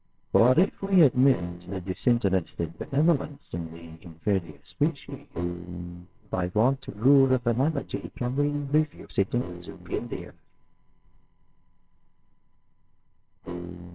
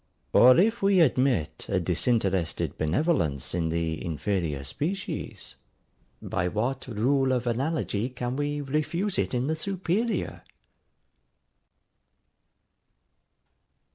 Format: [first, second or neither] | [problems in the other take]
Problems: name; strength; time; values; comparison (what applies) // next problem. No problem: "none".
second | noise reduction (neural separator model SepFormer WHAMR!)